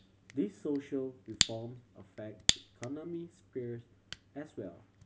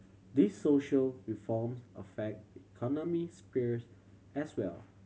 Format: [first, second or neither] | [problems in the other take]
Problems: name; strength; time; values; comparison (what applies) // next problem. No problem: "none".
second | background sound (Fire); 2 dB above the speech